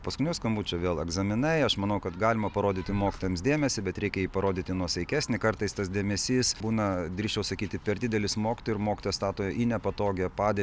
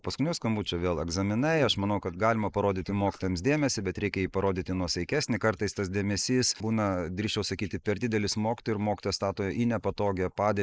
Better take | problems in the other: first | noise reduction (neural mask model Resemble Enhance denoiser)

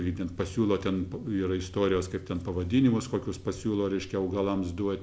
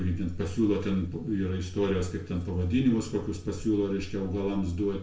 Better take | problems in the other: first | room echo; dies away in 0.4 s

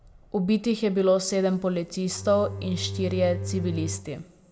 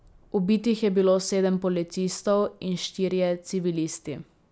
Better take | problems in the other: second | background sound (Bowed string instrument); 8 dB below the speech // room echo; dies away in 1.2 s

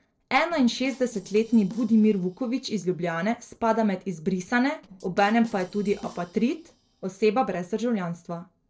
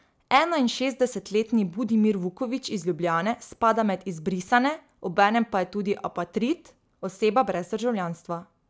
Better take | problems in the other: second | noise reduction (neural separator model SepFormer DNS4)

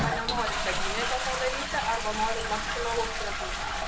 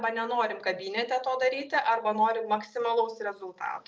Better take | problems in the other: second | background sound (Toilet flush); 2 dB above the speech

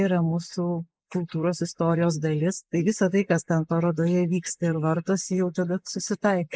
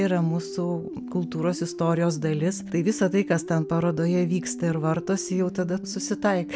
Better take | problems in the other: second | noise reduction (neural mask model Resemble Enhance denoiser)

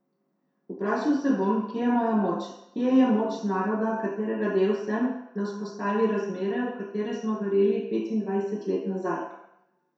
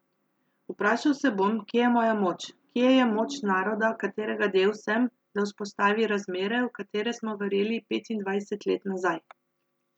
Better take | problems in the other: second | room echo; dies away in 0.7 s

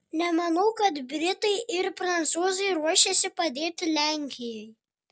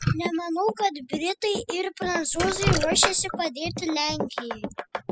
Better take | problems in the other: first | noise reduction (classical method spectral subtraction)

